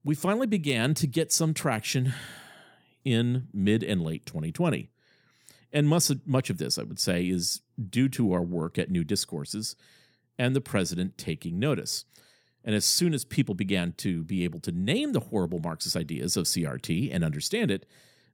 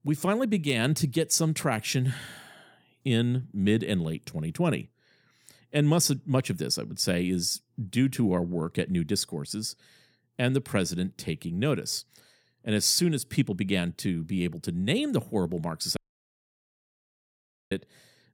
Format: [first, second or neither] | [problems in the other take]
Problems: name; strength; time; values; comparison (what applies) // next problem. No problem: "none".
first | audio cutting out; at 16 s for 1.5 s